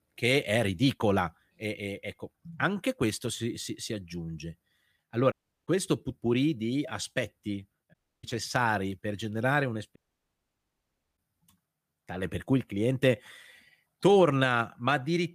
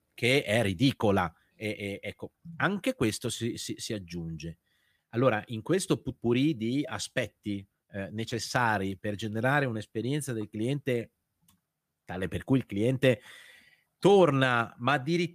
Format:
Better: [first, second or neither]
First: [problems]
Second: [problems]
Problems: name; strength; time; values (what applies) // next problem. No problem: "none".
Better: second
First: audio cutting out; at 5.5 s, at 8 s and at 10 s for 1 s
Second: none